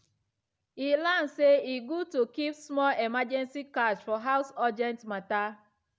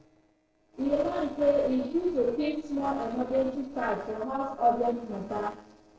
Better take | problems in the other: first | noise reduction (neural separator model SepFormer DNS4)

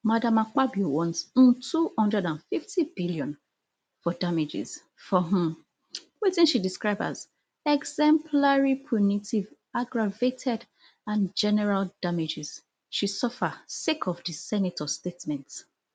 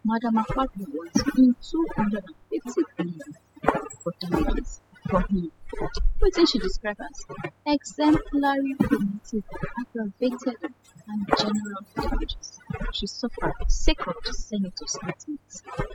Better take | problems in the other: first | noise reduction (classical method spectral subtraction)

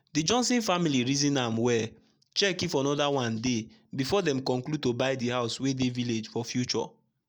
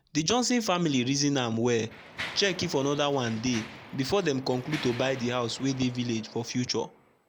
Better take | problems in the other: first | background sound (Mechanisms); 17 dB below the speech

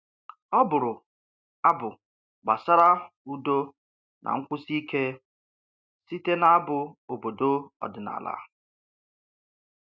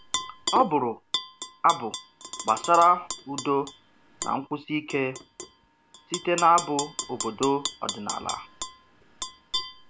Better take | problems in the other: first | background sound (Tap / Glass); 9 dB below the speech

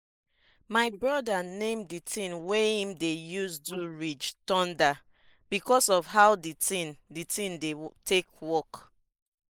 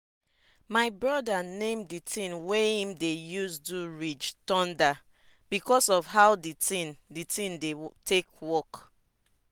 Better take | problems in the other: second | noise reduction (neural mask model Resemble Enhance denoiser)

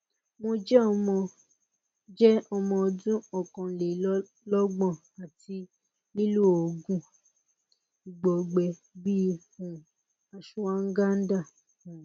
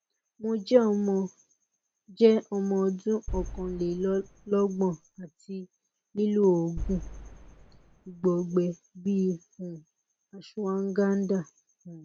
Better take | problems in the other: first | background sound (Boom); 12 dB below the speech

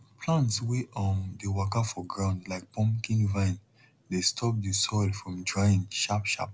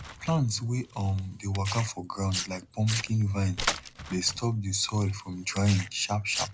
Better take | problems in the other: first | background sound (Tearing); 10 dB below the speech

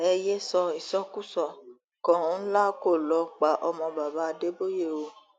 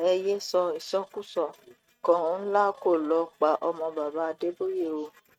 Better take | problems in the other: first | noise reduction (neural mask model RNNoise)

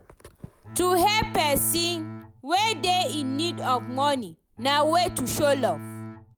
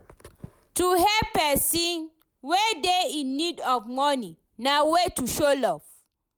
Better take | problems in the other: second | background sound (Bowed string instrument); 12 dB below the speech

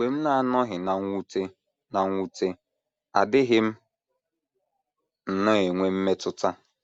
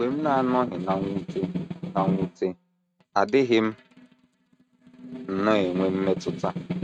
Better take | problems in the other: first | noise reduction (neural mask model RNNoise)

